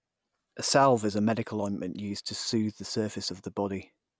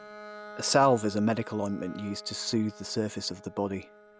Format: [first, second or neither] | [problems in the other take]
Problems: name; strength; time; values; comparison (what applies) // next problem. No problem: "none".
first | background sound (Bowed string instrument); 18 dB below the speech